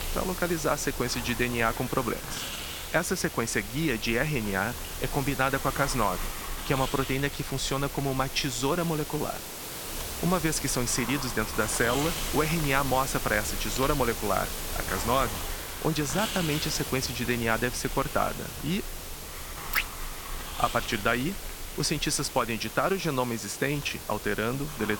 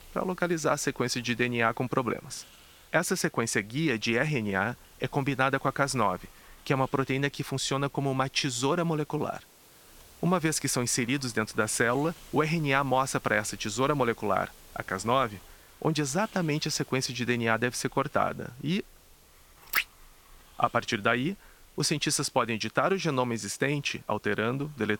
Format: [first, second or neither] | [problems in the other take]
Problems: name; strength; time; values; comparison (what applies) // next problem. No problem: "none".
second | hiss; loud; throughout; 6 dB below the speech; faint in the second